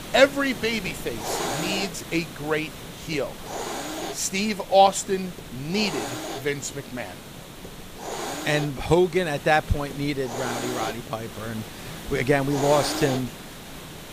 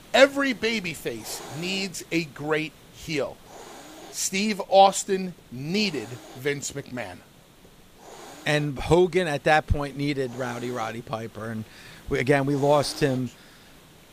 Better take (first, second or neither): second